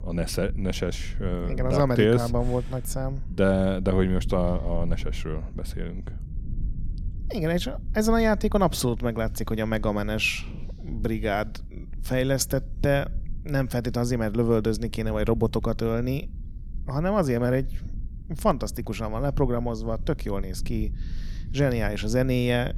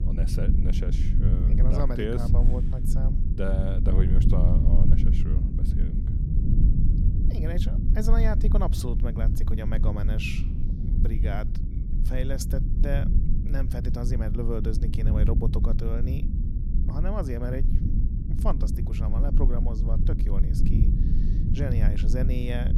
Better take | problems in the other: first | low rumble; loud; throughout; 3 dB below the speech; faint in the first

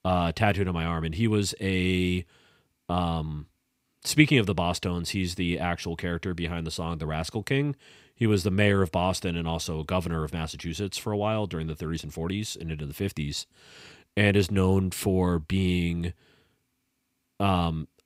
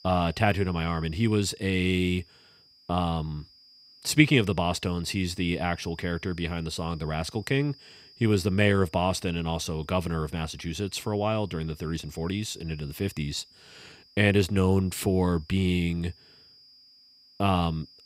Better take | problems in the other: first | high-pitched whine; faint; throughout; 5 kHz, 25 dB below the speech

